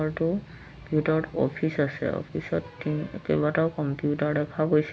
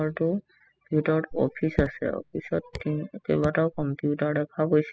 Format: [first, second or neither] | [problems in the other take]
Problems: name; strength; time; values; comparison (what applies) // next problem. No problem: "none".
first | noise reduction (classical method spectral subtraction)